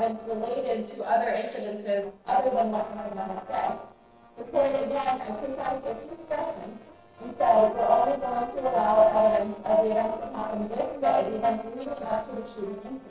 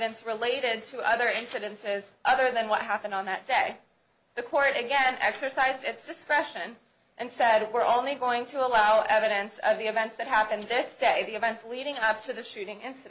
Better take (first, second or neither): second